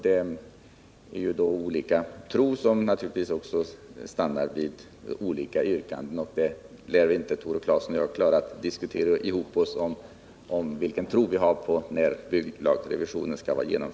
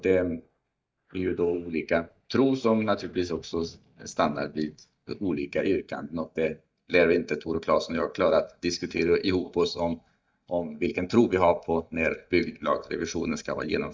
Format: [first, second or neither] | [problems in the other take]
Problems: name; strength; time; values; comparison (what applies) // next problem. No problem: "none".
first | noise reduction (neural mask model DeepFilterNet 3)